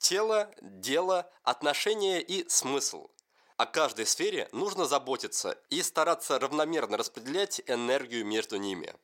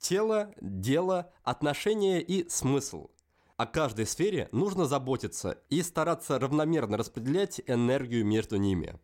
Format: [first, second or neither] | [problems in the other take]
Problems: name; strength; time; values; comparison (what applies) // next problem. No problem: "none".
second | thin; somewhat; fading below 500 Hz